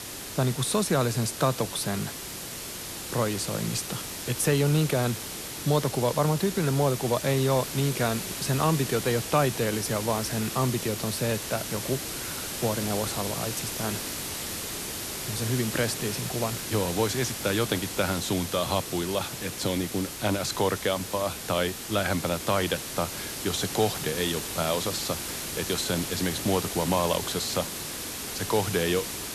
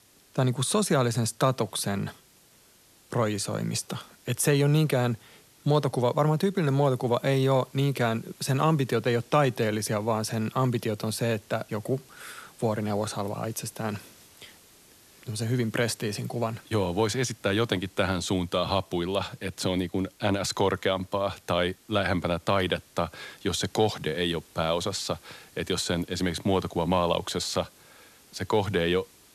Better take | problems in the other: second | hiss; loud; throughout; 5 dB below the speech; faint in the second

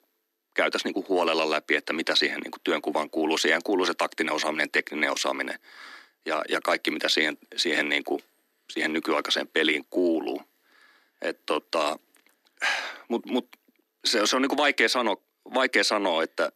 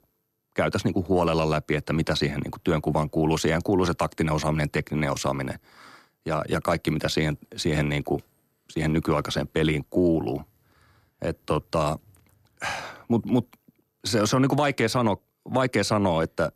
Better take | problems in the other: second | thin; somewhat; fading below 250 Hz

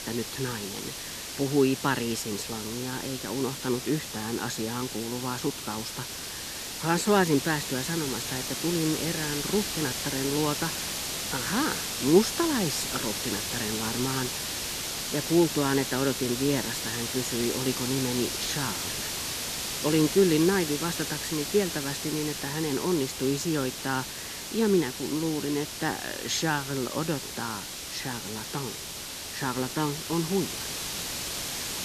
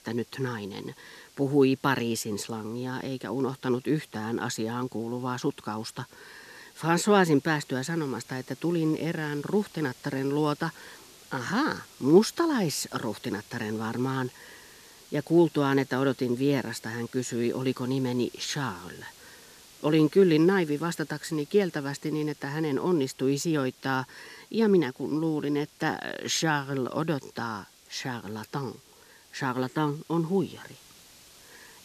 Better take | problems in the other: second | hiss; loud; throughout; 3 dB below the speech; faint in the second

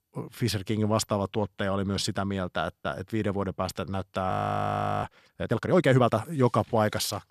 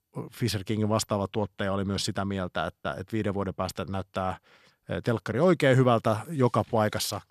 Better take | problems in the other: second | audio freezing; at 4.5 s for 0.5 s

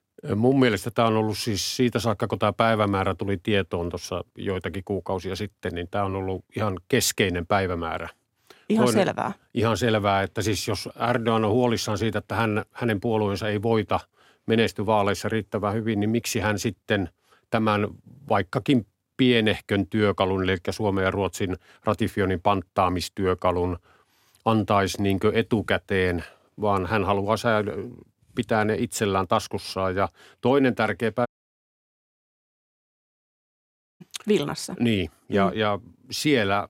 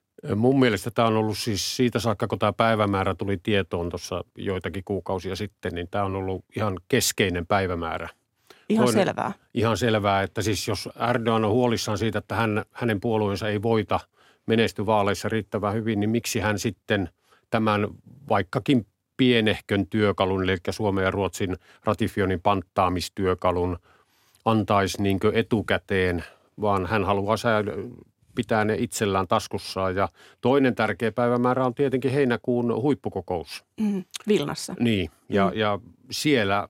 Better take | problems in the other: second | audio cutting out; at 31 s for 2.5 s

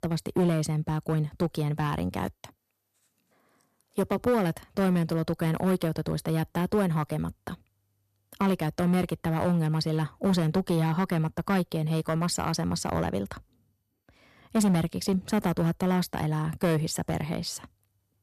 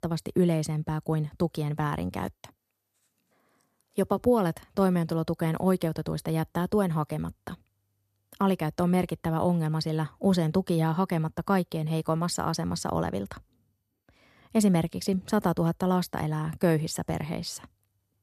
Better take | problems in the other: second | distortion; slight; 5% of the sound clipped

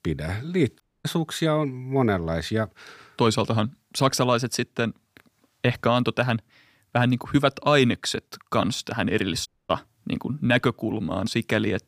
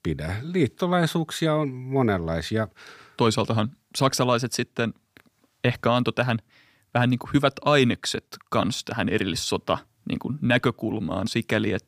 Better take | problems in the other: second | audio cutting out; at 1 s and at 9.5 s

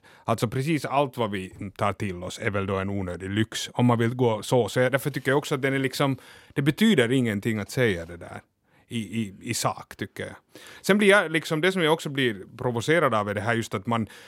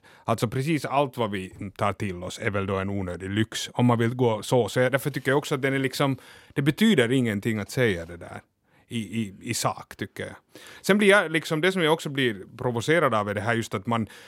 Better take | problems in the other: neither | none

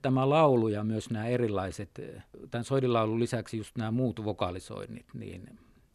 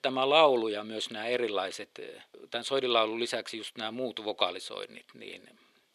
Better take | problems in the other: first | thin; somewhat; fading below 500 Hz

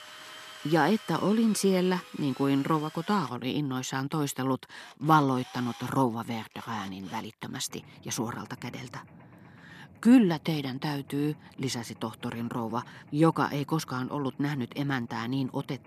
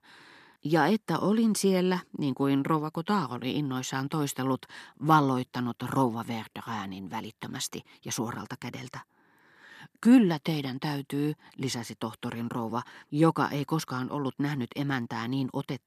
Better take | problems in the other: second | machinery noise; faint; throughout; 20 dB below the speech

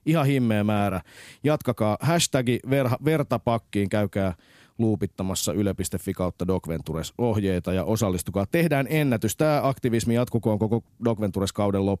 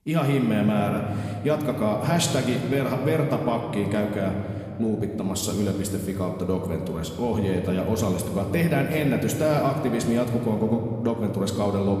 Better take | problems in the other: first | room echo; slight; dies away in 2.2 s // off-mic speech; somewhat distant

